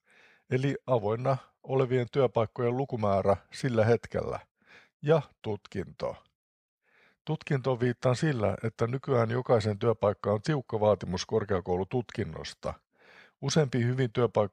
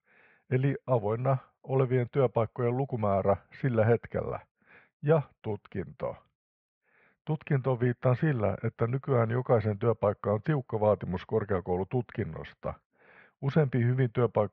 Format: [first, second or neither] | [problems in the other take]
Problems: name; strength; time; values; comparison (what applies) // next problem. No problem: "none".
first | muffled; very; fading above 2.5 kHz